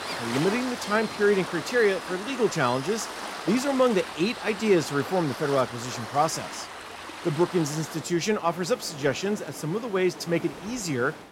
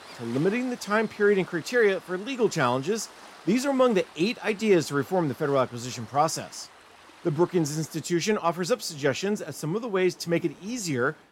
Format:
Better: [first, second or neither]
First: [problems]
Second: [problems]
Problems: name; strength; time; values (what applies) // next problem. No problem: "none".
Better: second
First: rain or running water; loud; throughout; 10 dB below the speech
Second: rain or running water; faint; throughout; 20 dB below the speech